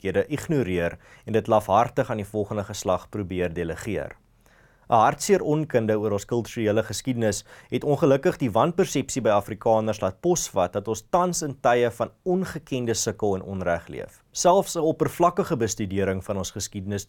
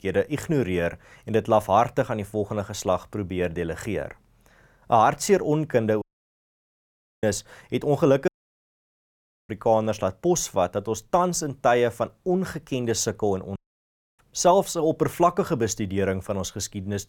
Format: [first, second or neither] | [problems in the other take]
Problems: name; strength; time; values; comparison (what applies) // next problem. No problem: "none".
first | audio cutting out; at 6 s for 1 s, at 8.5 s for 1 s and at 14 s for 0.5 s